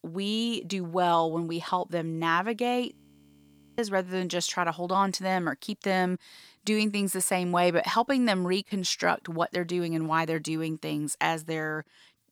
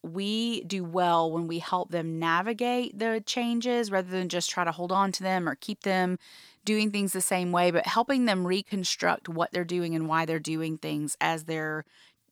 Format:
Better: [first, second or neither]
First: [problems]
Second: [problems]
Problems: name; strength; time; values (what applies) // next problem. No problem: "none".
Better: second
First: audio freezing; at 3 s for 1 s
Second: none